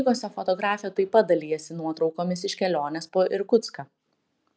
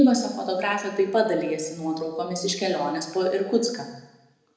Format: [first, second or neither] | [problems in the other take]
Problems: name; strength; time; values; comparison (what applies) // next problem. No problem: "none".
first | room echo; dies away in 0.9 s